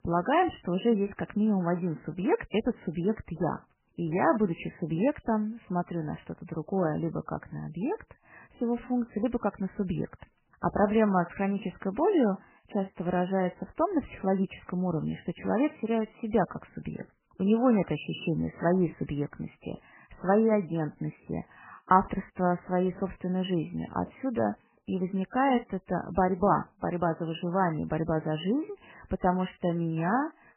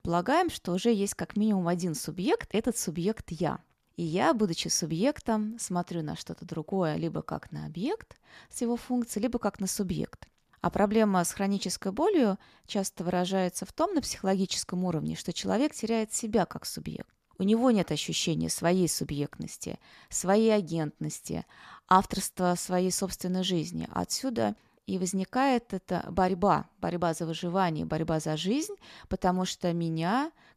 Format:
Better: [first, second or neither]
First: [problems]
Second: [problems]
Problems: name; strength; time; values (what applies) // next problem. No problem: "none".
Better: second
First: garbled, watery; badly; nothing above 3 kHz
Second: none